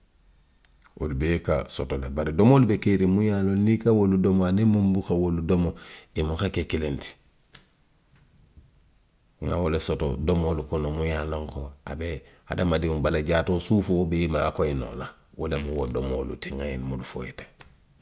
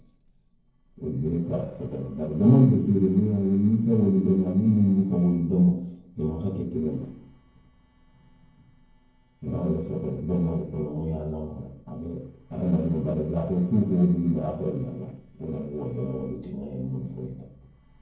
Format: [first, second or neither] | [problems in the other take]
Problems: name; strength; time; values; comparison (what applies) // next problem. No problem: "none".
first | noise reduction (neural separator model SepFormer DNS4)